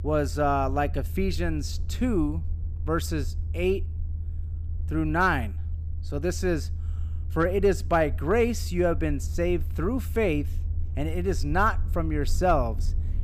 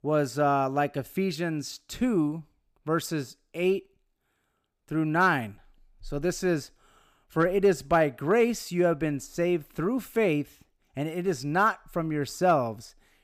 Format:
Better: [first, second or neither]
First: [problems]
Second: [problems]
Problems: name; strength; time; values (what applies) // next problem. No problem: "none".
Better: second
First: low rumble; faint; throughout; 25 dB below the speech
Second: none